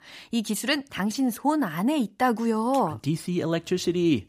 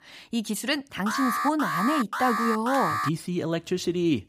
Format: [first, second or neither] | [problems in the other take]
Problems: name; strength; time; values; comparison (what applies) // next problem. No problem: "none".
first | alarm; loud; from 1 to 3 s; peak level with the speech